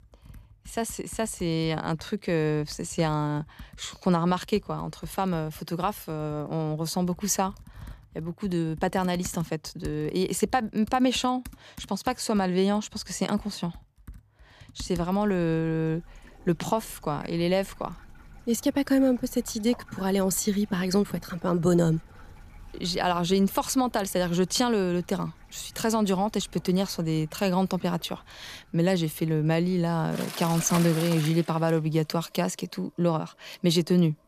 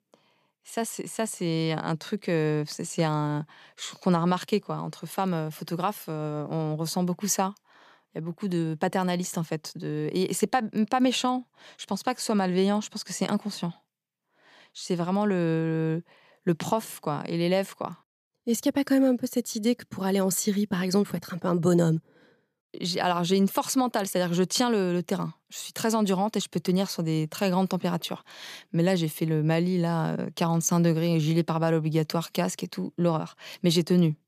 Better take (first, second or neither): second